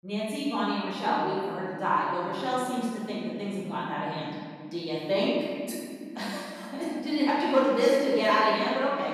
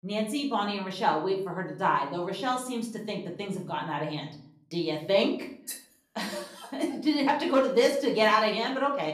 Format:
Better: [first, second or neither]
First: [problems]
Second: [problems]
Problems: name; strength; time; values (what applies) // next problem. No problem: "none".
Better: second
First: room echo; strong; dies away in 2.2 s // off-mic speech; far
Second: room echo; slight; dies away in 0.5 s // off-mic speech; somewhat distant